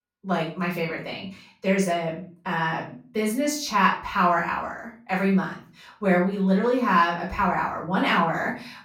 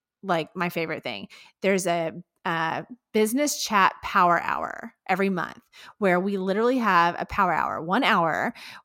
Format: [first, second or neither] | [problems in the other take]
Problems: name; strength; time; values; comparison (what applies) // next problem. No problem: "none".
second | off-mic speech; far // room echo; slight; dies away in 0.4 s